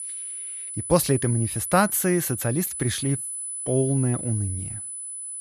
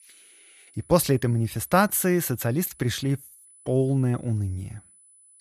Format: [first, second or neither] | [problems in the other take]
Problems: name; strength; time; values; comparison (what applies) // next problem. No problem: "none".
second | high-pitched whine; loud; throughout; 10 kHz, 6 dB below the speech; faint in the second